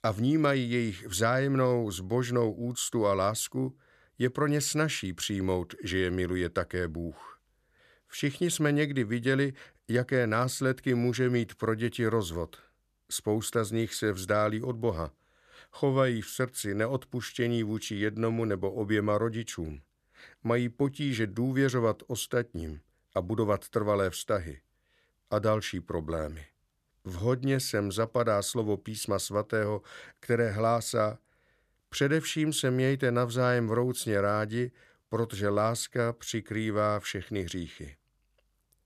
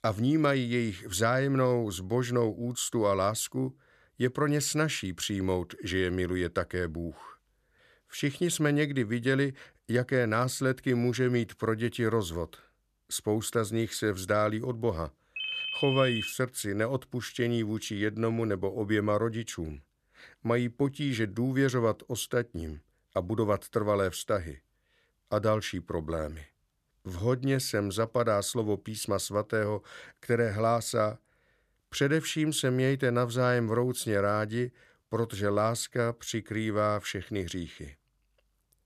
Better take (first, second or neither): first